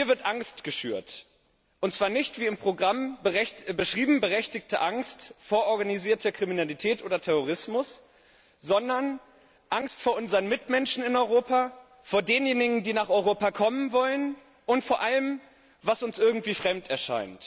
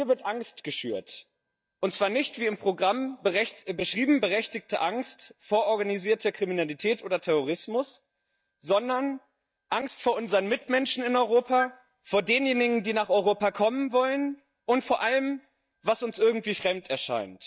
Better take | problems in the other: first | noise reduction (neural mask model DeepFilterNet 3)

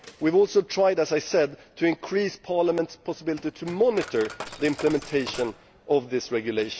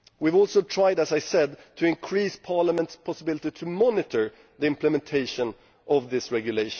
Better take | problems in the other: second | background sound (Coin (dropping)); 19 dB below the speech

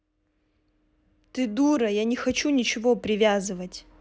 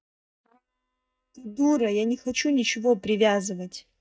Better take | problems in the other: first | noise reduction (neural mask model DeepFilterNet 3)

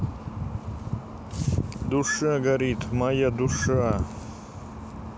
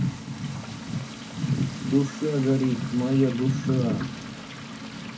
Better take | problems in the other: first | background sound (Frying (food)); 16 dB below the speech // room echo; dies away in 0.3 s

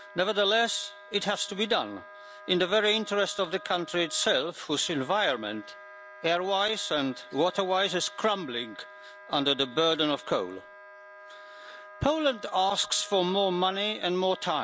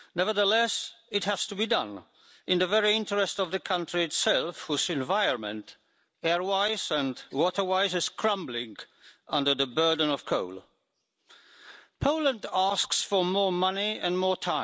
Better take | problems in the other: second | background sound (Wind instrument, woodwind instrument); 19 dB below the speech

